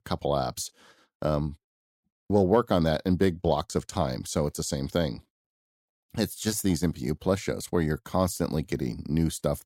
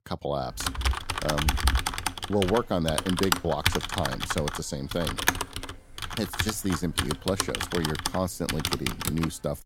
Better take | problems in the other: first | keyboard typing; loud; from 0.5 s on; peak 6 dB above the speech

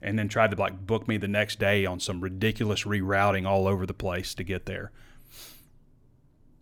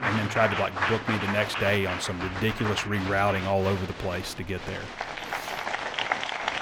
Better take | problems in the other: first | crowd noise; loud; throughout; 3 dB below the speech

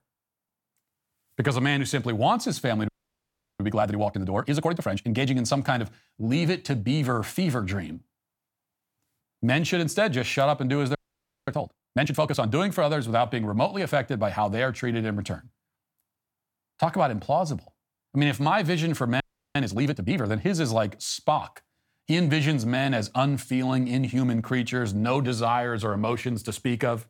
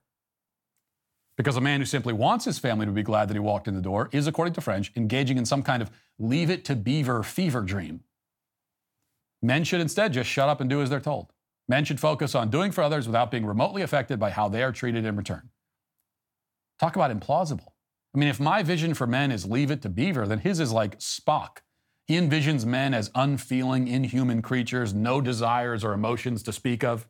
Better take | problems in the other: second | audio freezing; at 3 s for 0.5 s, at 11 s for 0.5 s and at 19 s

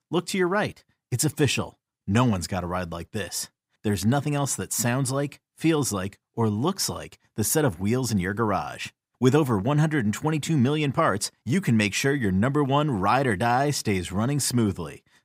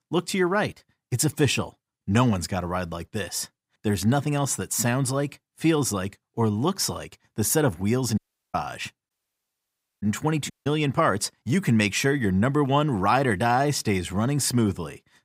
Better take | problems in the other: first | audio cutting out; at 8 s, at 9 s for 1 s and at 11 s

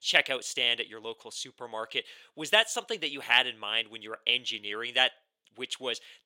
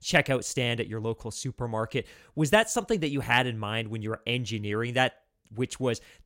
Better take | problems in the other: second | thin; very; fading below 450 Hz

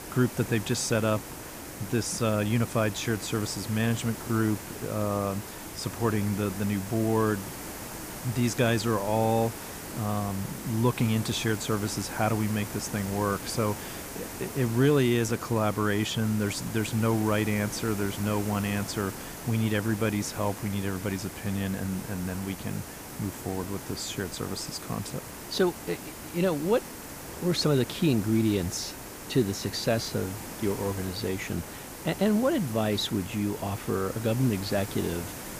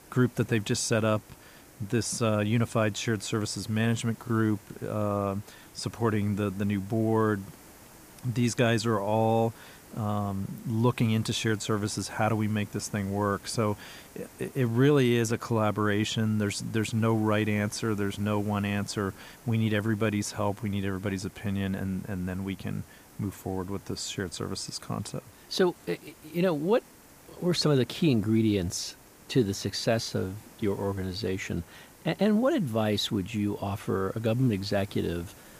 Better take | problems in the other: second | hiss; loud; throughout; 10 dB below the speech; faint in the second

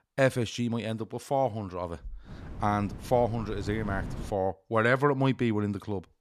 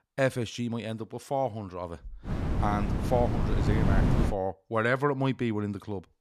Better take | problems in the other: first | wind noise on the microphone; heavy; from 2.5 to 4.5 s; 4 dB below the speech; occasional gusts in the first

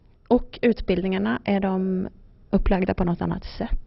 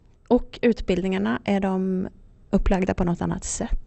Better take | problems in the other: second | garbled, watery; badly; nothing above 5.5 kHz; slightly in the second

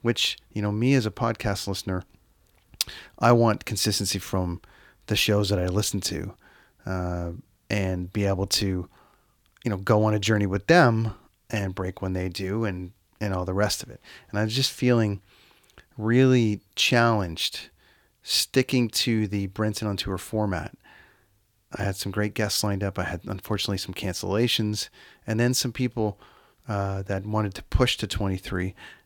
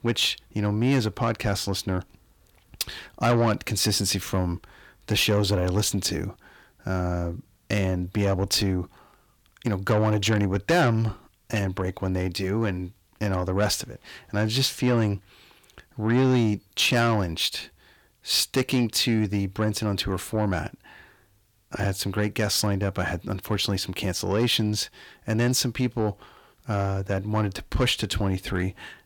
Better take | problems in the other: first | distortion; slight; 10 dB below the speech

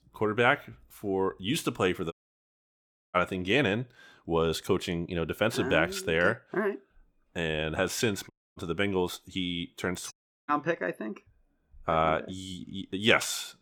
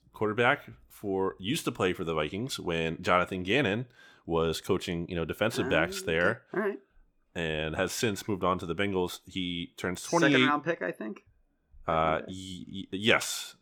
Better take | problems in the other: second | audio cutting out; at 2 s for 1 s, at 8.5 s and at 10 s

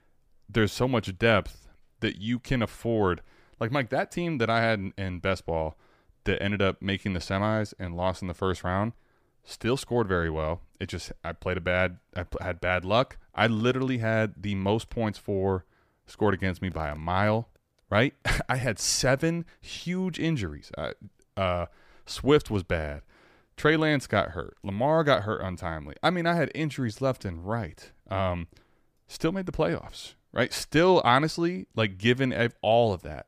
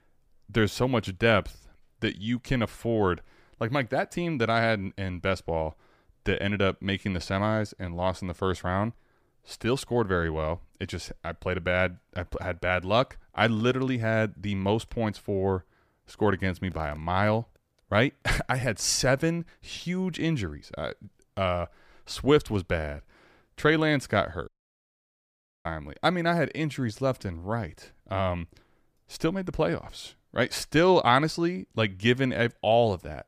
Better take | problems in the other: first | audio cutting out; at 24 s for 1 s

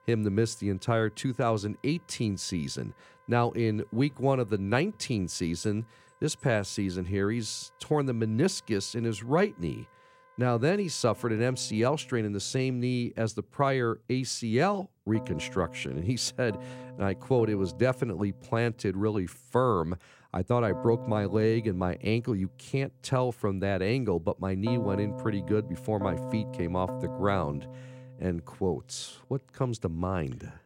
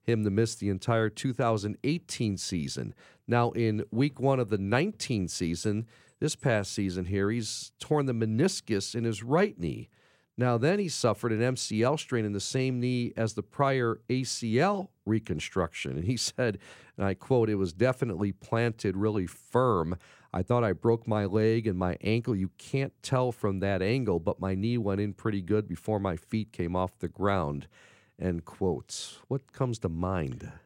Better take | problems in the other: second | background music; noticeable; throughout; 10 dB below the speech

